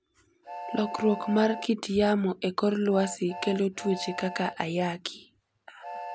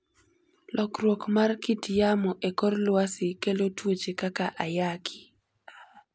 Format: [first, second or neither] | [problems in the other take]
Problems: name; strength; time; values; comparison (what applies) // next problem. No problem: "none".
second | background sound (Train); 13 dB below the speech